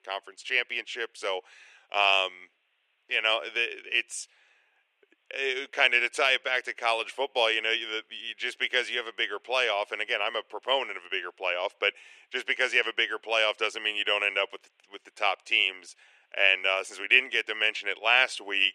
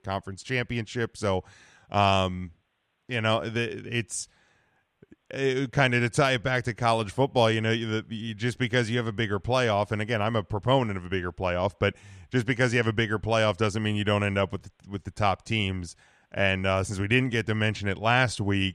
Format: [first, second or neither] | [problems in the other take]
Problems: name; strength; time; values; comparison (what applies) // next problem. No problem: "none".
second | thin; very; fading below 400 Hz